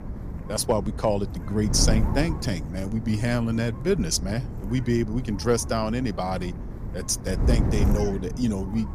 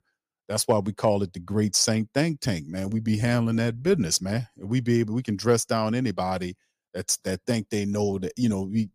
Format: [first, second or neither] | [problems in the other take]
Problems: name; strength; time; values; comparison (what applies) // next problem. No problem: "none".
second | wind noise on the microphone; occasional gusts; 10 dB below the speech